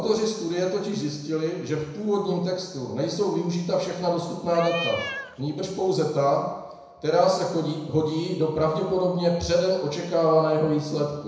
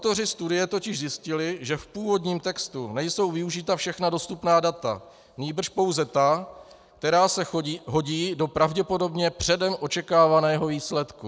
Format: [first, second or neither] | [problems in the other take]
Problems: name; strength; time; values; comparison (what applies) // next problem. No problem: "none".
second | background sound (Cat); 9 dB below the speech // room echo; dies away in 1 s